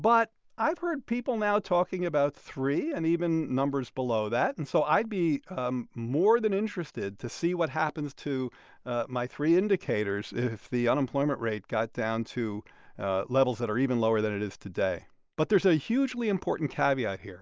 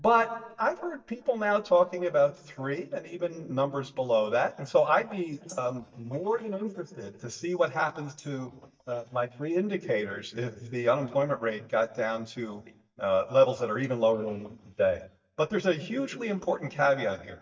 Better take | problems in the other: first | noise reduction (neural mask model DeepFilterNet 3)

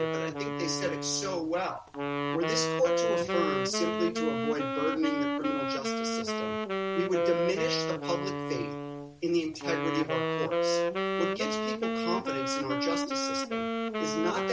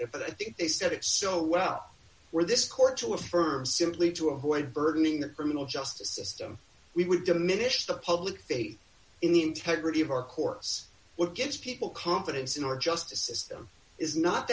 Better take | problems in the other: second | background sound (Wind instrument, woodwind instrument); 2 dB above the speech

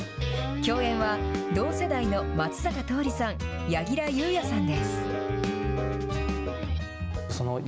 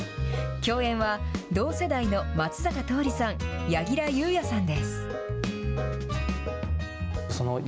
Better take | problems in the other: second | background sound (Guitar); 5 dB below the speech

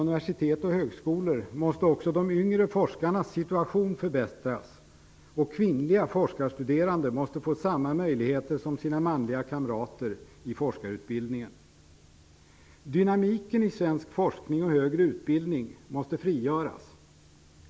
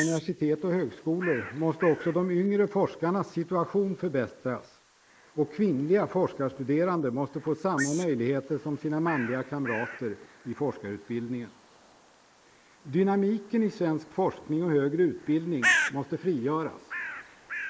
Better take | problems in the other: first | noise reduction (neural mask model Resemble Enhance denoiser)

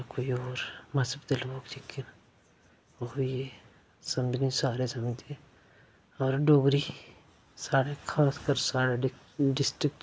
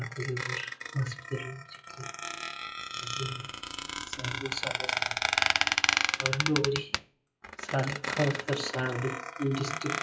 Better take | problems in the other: first | noise reduction (classical method WPE with log-MMSE)

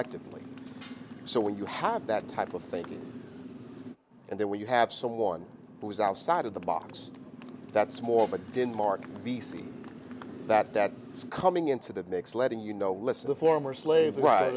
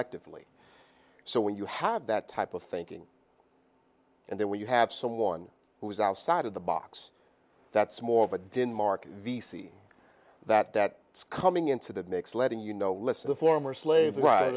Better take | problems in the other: second | background sound (Motorcycle); 15 dB below the speech

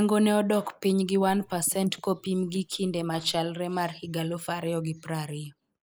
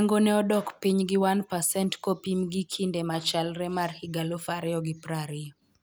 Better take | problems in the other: second | noise reduction (neural mask model Resemble Enhance denoiser)

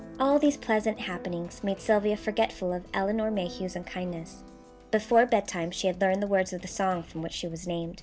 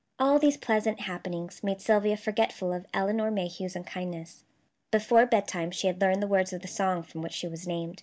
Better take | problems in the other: second | background sound (Keyboard (musical) + Drum kit); 18 dB below the speech

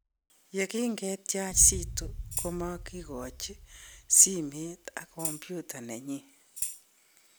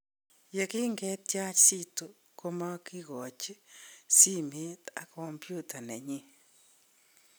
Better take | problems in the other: second | background sound (Boom + Tambourine); 10 dB below the speech

